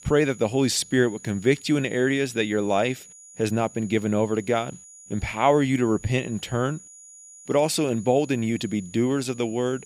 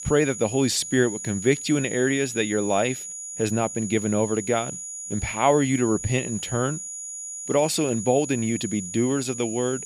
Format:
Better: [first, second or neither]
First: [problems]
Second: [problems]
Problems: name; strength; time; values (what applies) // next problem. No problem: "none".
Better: first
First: high-pitched whine; faint; throughout; 7 kHz, 20 dB below the speech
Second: high-pitched whine; loud; throughout; 7 kHz, 8 dB below the speech